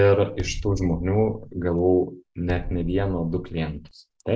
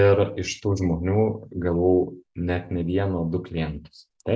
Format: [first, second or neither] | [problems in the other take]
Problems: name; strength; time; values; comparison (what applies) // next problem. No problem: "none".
second | background sound (Bass drum); 11 dB below the speech